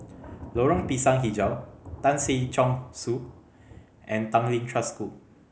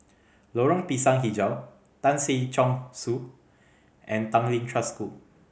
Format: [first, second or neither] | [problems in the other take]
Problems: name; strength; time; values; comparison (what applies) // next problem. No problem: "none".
second | background sound (Thunder); 15 dB below the speech